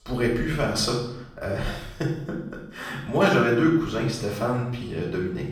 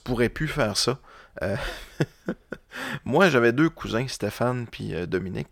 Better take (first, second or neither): second